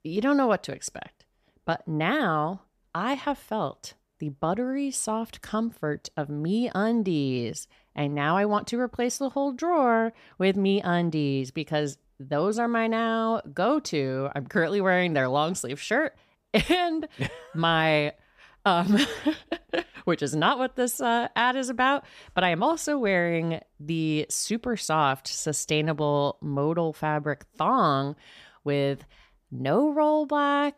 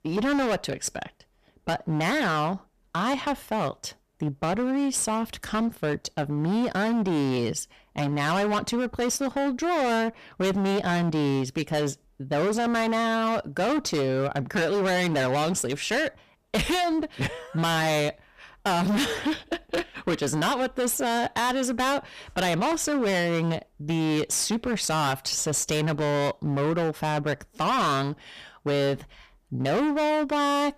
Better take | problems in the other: first | distortion; heavy; 25% of the sound clipped

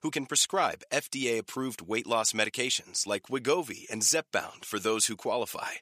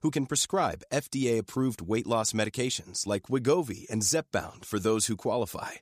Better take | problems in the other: second | thin; very slightly; fading below 600 Hz

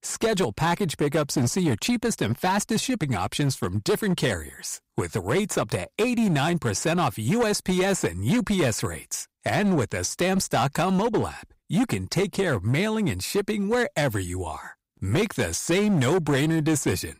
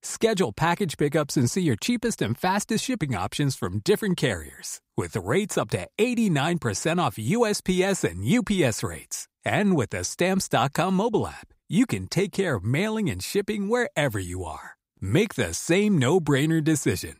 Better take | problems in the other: second | distortion; slight; 11% of the sound clipped

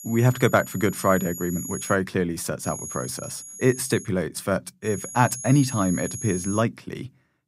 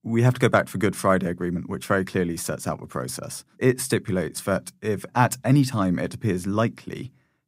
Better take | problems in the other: second | high-pitched whine; noticeable; until 2 s, from 2.5 to 4 s and from 5 to 6.5 s; 6.5 kHz, 10 dB below the speech

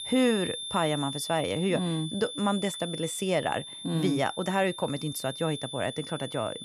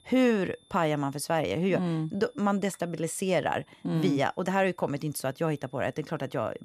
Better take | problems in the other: second | high-pitched whine; loud; throughout; 3.5 kHz, 8 dB below the speech; faint in the second

